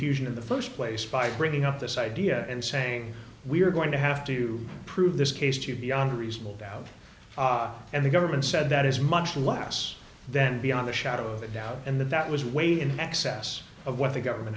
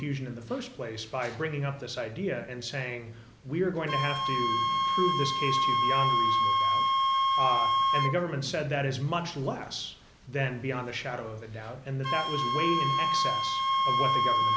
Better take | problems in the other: first | background sound (Wind instrument, woodwind instrument); 3 dB above the speech

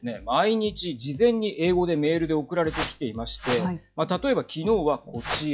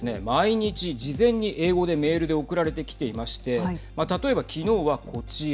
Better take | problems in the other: second | noise reduction (classical method log-MMSE)

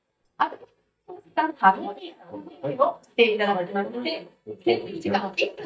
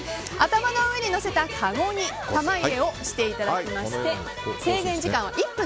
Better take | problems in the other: second | noise reduction (neural mask model DeepFilterNet 3)

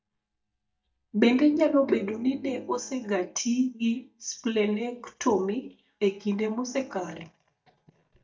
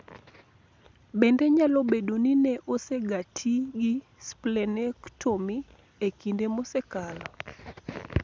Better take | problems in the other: second | noise reduction (neural mask model DeepFilterNet 3)

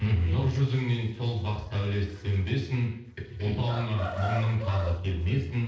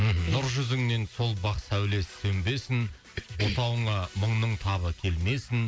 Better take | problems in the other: second | noise reduction (neural separator model SepFormer DNS4)

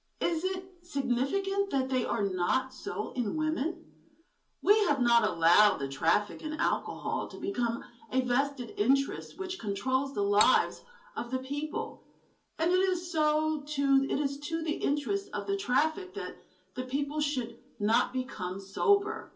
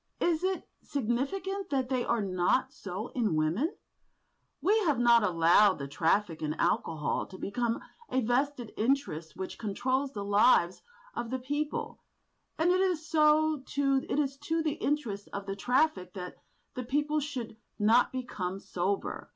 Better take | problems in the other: second | background sound (Cutlery, silverware); 8 dB below the speech // room echo; dies away in 0.3 s

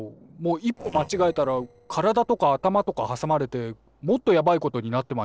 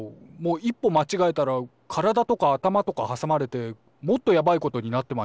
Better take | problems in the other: second | noise reduction (neural separator model SepFormer DNS4)

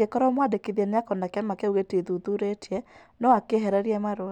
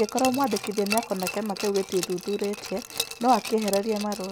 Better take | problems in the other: first | background sound (Glass); 9 dB below the speech

